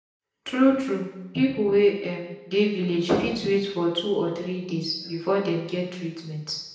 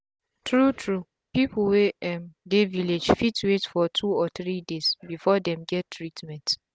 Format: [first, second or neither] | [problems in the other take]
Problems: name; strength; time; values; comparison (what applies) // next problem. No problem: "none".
second | room echo; dies away in 0.9 s